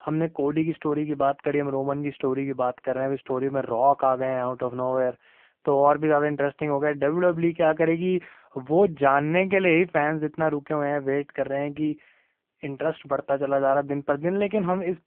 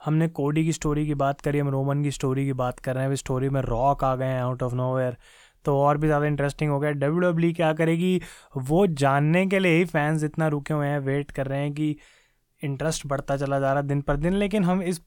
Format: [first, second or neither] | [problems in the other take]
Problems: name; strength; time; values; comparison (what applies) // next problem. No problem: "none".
second | phone-call audio; poor line